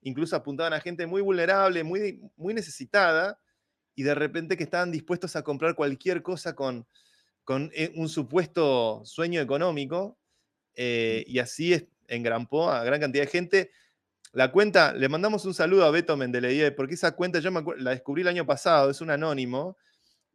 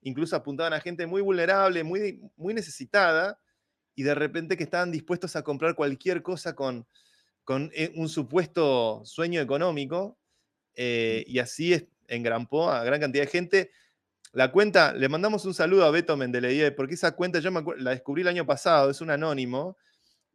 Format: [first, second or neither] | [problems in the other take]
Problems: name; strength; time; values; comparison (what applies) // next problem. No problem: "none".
neither | none